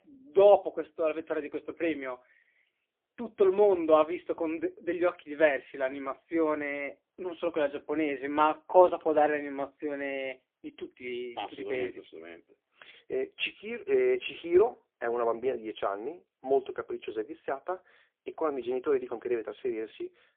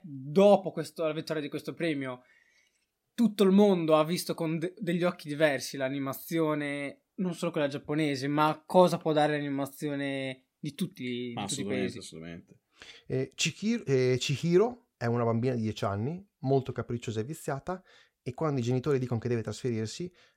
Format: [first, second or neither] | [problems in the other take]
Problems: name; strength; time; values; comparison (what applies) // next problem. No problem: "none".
second | phone-call audio; poor line; nothing above 3.5 kHz